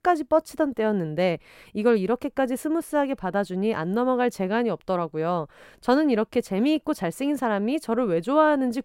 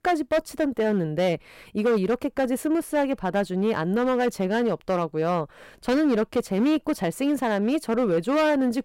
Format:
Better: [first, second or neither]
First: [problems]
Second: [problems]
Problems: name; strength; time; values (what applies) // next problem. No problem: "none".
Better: first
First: none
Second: distortion; slight; 9% of the sound clipped